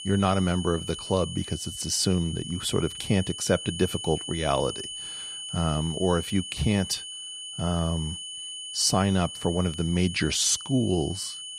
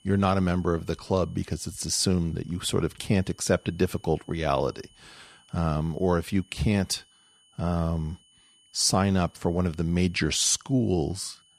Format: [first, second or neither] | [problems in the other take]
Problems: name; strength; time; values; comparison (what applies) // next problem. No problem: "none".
second | high-pitched whine; loud; throughout; 3 kHz, 9 dB below the speech; faint in the second